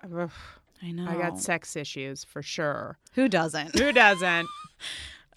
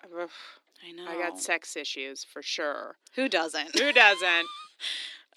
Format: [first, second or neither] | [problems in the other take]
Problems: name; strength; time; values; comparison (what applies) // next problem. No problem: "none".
first | thin; somewhat; fading below 300 Hz